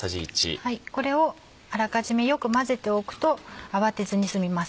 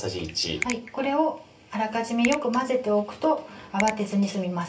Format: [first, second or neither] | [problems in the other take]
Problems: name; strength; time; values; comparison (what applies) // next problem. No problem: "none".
first | background sound (Finger snapping); 12 dB below the speech // room echo; dies away in 0.3 s